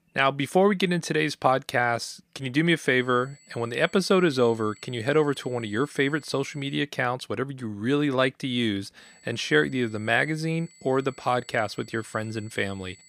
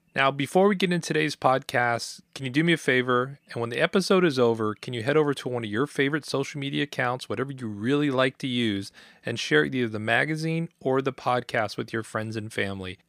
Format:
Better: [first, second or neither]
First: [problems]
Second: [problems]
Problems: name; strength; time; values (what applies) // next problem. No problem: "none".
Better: second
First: high-pitched whine; faint; from 3 to 7 s and from 9 s on; 8 kHz, 25 dB below the speech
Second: none